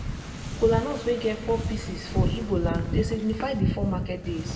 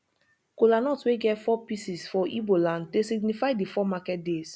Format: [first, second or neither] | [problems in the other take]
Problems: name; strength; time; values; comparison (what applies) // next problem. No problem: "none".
second | background sound (Wind / Ocean); 1 dB below the speech // room echo; dies away in 1.5 s